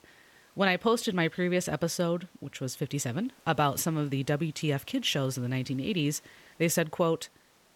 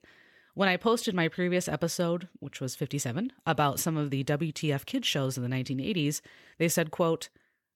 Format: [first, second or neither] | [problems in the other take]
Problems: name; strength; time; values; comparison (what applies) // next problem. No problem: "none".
second | hiss; faint; throughout; 30 dB below the speech